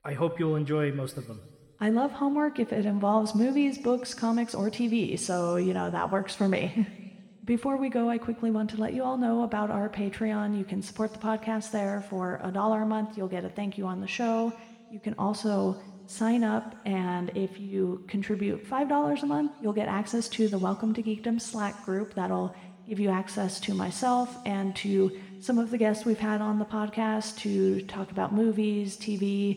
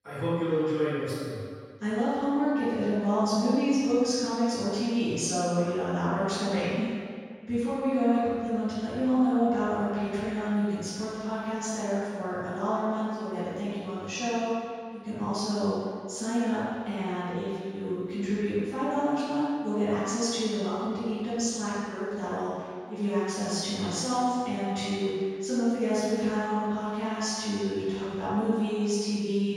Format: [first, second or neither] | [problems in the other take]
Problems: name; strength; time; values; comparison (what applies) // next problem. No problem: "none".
first | room echo; strong; dies away in 1.8 s; slight in the first // off-mic speech; far